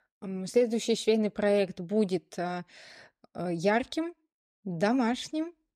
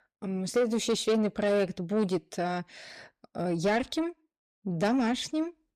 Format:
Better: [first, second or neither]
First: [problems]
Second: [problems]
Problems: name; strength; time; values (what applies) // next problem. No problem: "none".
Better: first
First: none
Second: distortion; slight; 10 dB below the speech